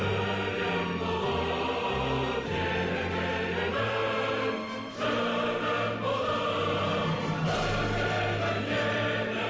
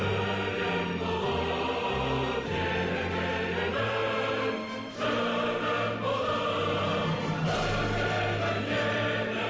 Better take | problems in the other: second | background sound (Wind instrument, woodwind instrument); 19 dB below the speech

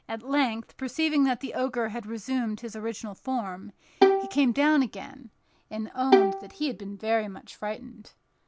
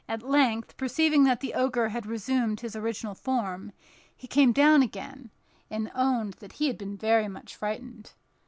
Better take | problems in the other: second | background sound (Bowed string instrument); 2 dB above the speech

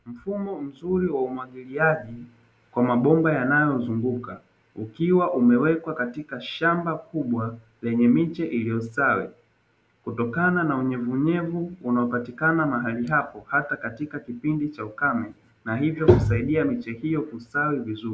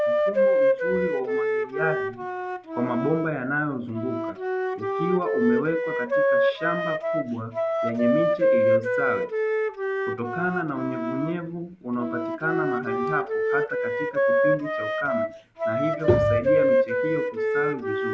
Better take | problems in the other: first | background sound (Wind instrument, woodwind instrument); 4 dB above the speech

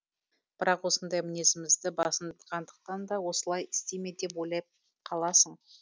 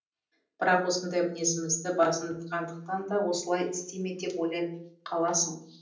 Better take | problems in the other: first | room echo; dies away in 0.6 s

